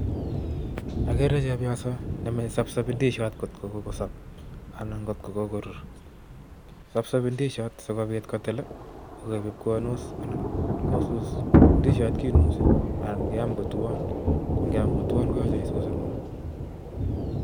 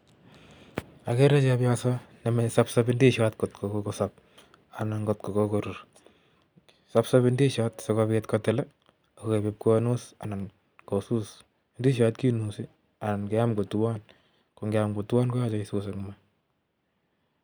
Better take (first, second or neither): second